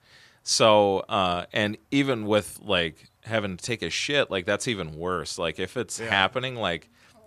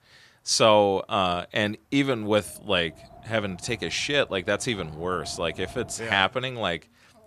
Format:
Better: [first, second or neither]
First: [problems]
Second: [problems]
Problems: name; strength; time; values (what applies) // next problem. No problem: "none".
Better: first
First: none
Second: wind noise on the microphone; occasional gusts; from 2.5 to 6 s; 25 dB below the speech